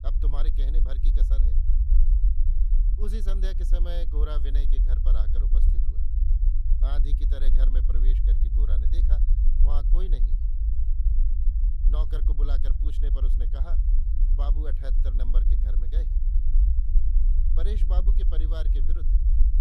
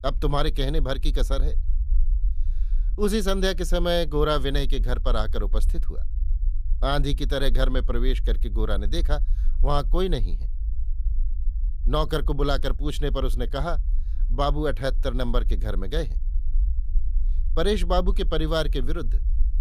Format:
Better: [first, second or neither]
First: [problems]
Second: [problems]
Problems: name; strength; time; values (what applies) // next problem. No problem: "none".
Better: second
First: low rumble; loud; throughout; 4 dB below the speech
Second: low rumble; faint; throughout; 25 dB below the speech